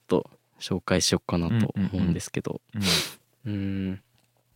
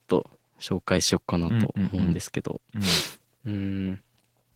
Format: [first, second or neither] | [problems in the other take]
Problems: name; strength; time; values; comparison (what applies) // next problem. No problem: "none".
first | garbled, watery; slightly; nothing above 16.5 kHz